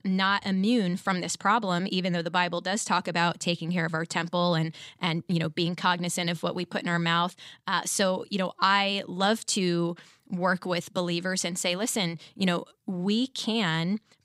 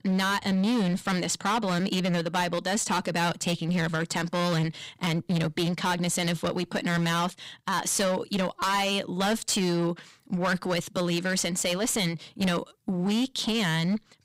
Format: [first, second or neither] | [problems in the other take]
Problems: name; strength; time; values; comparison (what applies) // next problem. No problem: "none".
first | distortion; heavy; 17% of the sound clipped